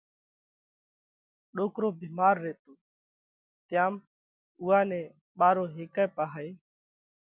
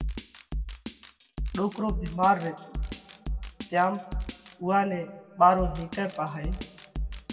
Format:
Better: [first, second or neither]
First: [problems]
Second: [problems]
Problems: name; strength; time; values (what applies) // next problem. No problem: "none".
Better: first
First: none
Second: background sound (Drum kit); 7 dB below the speech // room echo; dies away in 1.4 s